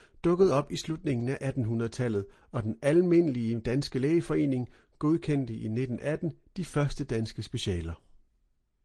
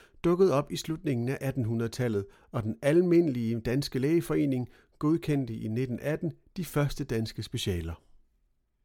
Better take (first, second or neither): second